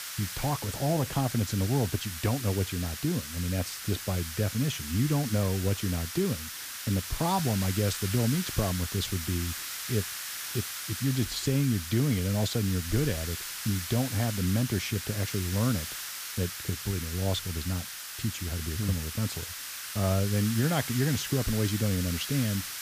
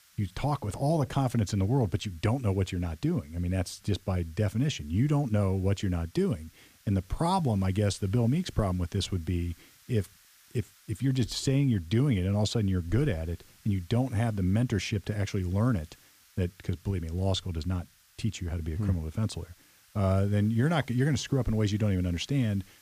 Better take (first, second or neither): second